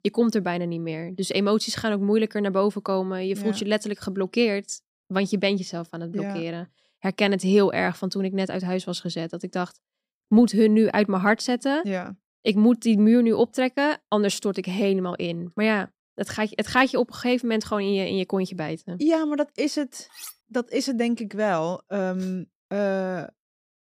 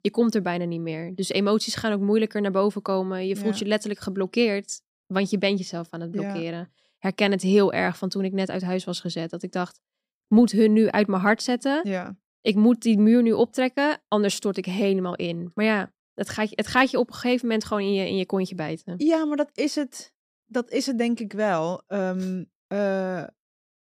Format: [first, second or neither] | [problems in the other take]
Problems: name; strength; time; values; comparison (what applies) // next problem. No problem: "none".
second | clattering dishes; faint; at 20 s; peak 15 dB below the speech